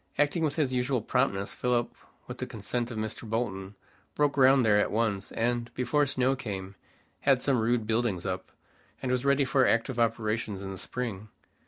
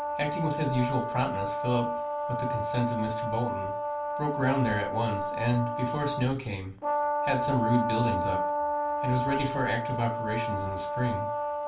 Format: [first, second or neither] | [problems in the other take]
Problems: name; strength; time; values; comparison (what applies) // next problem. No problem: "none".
first | background sound (Brass instrument); as loud as the speech // room echo; dies away in 0.3 s